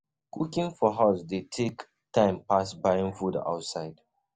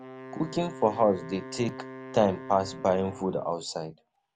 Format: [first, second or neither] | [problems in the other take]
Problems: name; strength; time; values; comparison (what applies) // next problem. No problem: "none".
first | background sound (Wind instrument, woodwind instrument); 14 dB below the speech